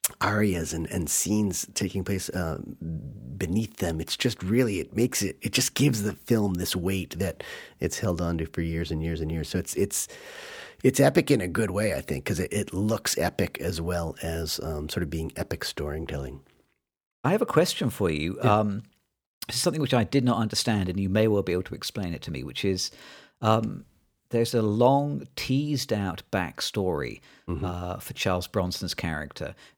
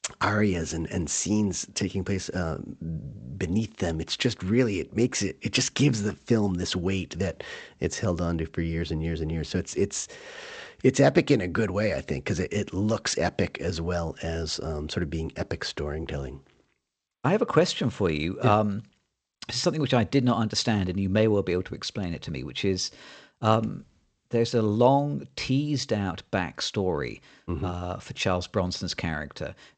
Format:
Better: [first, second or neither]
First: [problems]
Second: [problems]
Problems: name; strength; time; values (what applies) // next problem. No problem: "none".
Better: first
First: none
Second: garbled, watery; slightly; nothing above 8 kHz